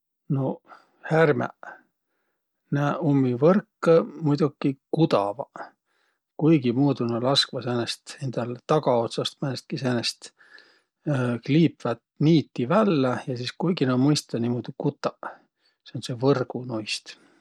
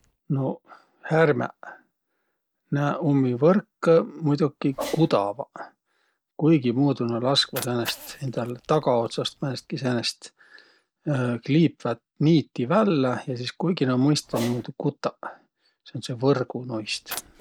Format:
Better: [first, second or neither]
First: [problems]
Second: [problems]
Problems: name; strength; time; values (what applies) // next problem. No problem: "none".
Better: first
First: none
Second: background sound (Cat); 19 dB below the speech